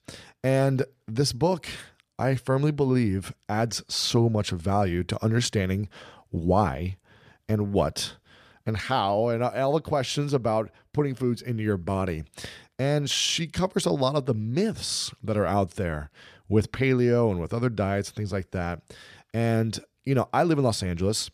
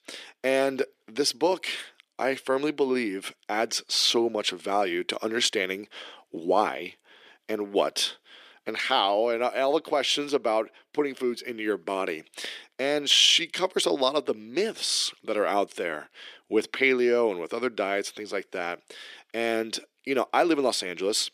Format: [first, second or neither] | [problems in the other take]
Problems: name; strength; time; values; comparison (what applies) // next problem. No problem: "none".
first | thin; somewhat; fading below 300 Hz